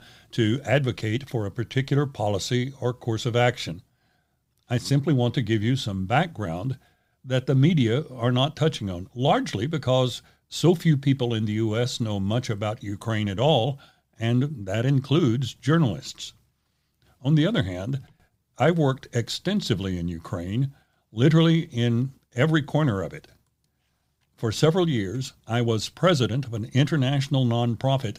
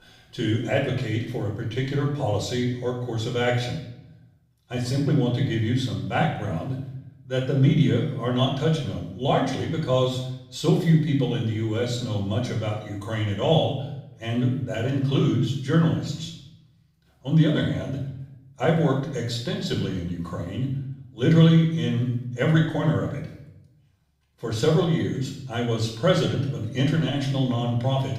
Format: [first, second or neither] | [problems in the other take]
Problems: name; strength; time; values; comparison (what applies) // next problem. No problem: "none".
first | off-mic speech; far // room echo; noticeable; dies away in 0.7 s